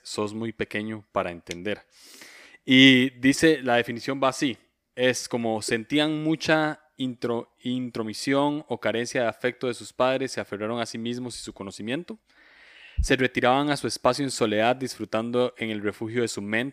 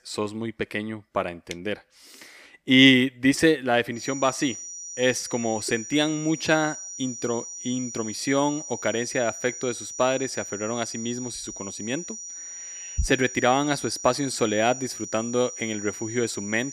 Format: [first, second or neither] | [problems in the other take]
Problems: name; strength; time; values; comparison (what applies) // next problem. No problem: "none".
first | high-pitched whine; loud; from 4 s on; 6 kHz, 10 dB below the speech